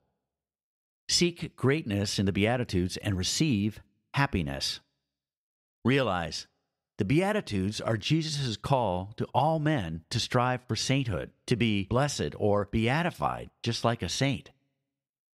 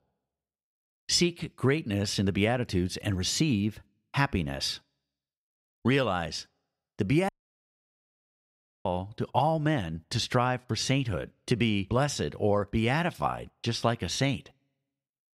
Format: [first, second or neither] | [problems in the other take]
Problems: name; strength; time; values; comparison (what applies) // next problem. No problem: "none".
first | audio cutting out; at 7.5 s for 1.5 s